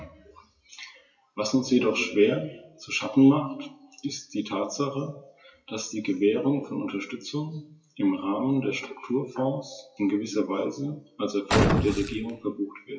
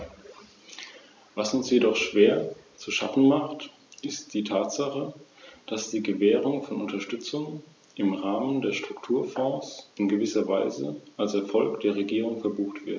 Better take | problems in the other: second | noise reduction (classical method WPE with log-MMSE)

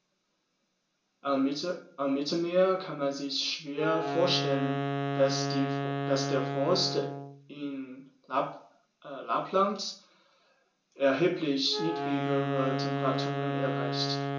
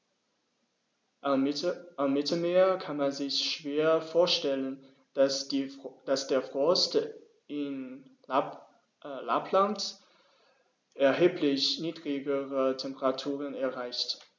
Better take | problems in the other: second | background sound (Wind instrument, woodwind instrument); 4 dB below the speech // room echo; dies away in 0.3 s

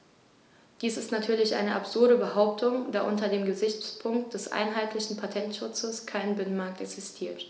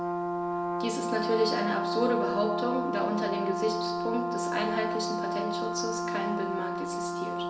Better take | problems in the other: first | background sound (Brass instrument); 1 dB above the speech // room echo; dies away in 1 s

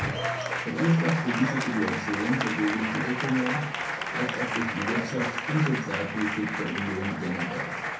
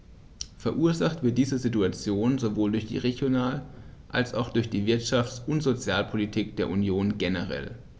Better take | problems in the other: second | background sound (Applause); 2 dB below the speech // room echo; dies away in 0.6 s

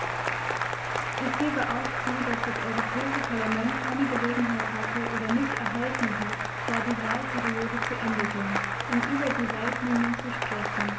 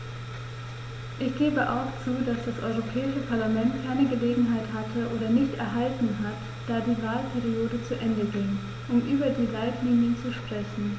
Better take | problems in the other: second | background sound (Applause / Cheering); as loud as the speech

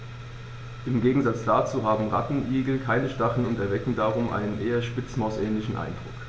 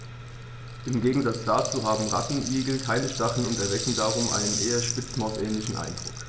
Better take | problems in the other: first | background sound (Rattle (instrument)); 7 dB below the speech

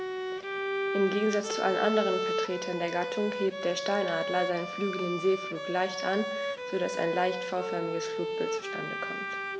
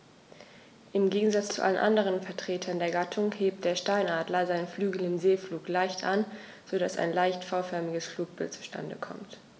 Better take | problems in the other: second | background sound (Bowed string instrument); 2 dB below the speech

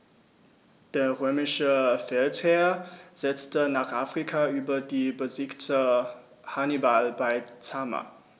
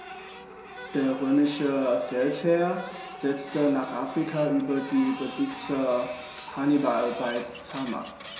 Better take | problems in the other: first | background sound (Printer); 14 dB below the speech // room echo; dies away in 0.7 s

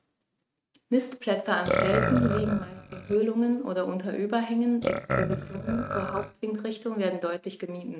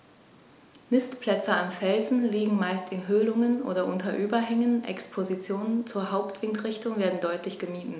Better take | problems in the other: second | noise reduction (neural mask model RNNoise)

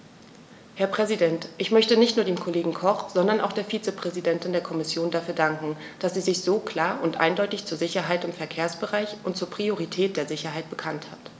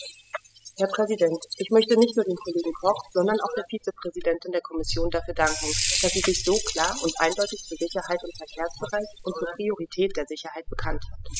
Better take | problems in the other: first | noise reduction (classical method spectral subtraction)

